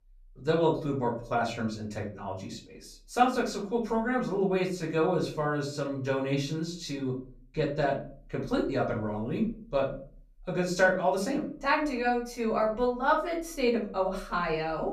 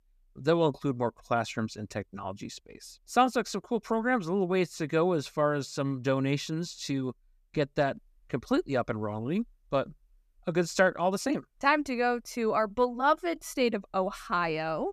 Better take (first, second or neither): second